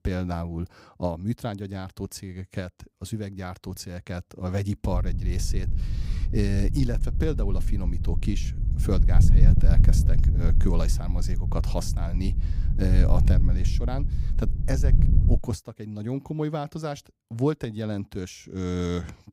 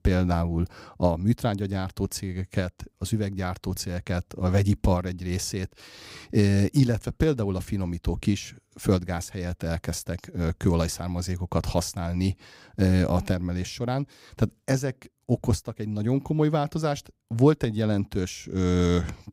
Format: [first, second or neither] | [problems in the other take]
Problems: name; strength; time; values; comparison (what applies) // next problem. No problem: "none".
second | wind noise on the microphone; heavy; from 5 to 15 s; 6 dB below the speech